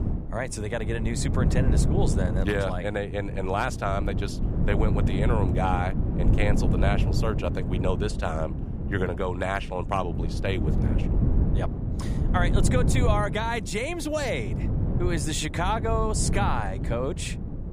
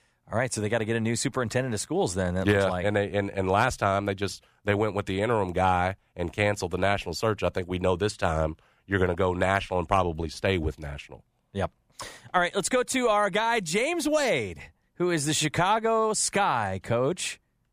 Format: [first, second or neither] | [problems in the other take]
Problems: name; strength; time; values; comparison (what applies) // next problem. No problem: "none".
second | wind noise on the microphone; heavy; 8 dB below the speech